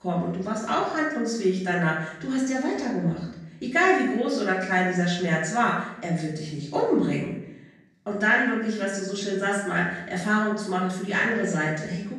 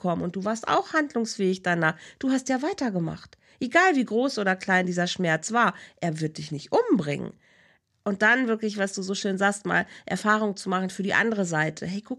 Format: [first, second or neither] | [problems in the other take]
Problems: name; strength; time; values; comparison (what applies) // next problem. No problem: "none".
second | off-mic speech; far // room echo; noticeable; dies away in 0.7 s